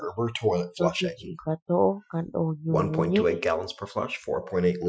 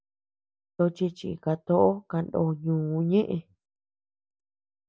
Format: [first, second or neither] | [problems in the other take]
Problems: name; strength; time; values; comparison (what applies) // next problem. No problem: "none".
second | noise reduction (classical method Wiener filter)